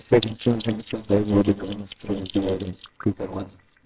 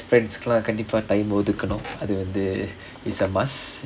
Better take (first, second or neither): second